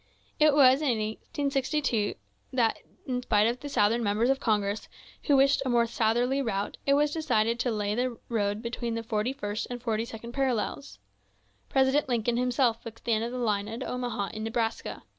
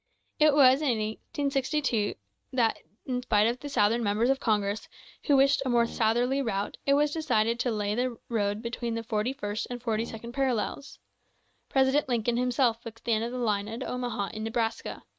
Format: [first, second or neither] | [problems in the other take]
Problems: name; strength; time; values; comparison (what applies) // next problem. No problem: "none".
first | noise reduction (neural mask model RNNoise)